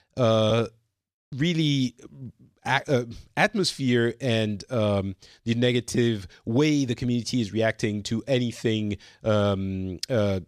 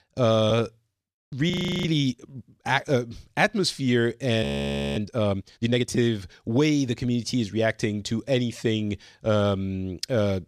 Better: first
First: none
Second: audio freezing; at 1.5 s and at 4.5 s for 0.5 s

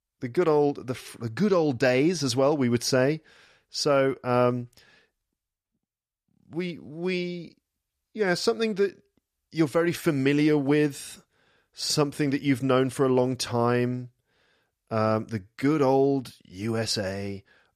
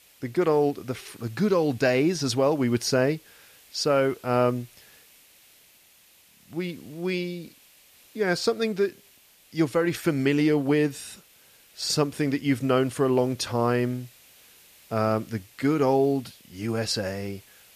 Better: first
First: none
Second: hiss; faint; throughout; 25 dB below the speech

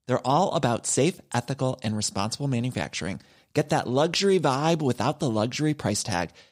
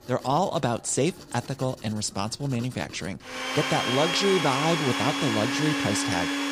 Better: first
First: none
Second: household noises; very loud; throughout; as loud as the speech

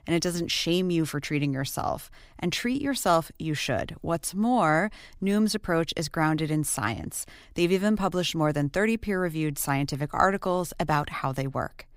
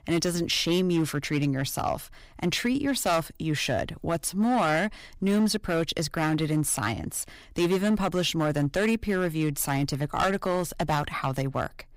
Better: first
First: none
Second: distortion; slight; 6% of the sound clipped

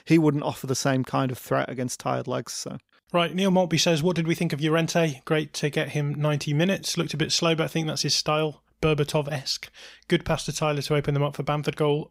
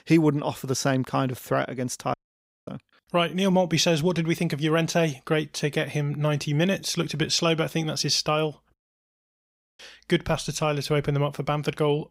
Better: first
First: none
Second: audio cutting out; at 2 s for 0.5 s and at 8.5 s for 1 s

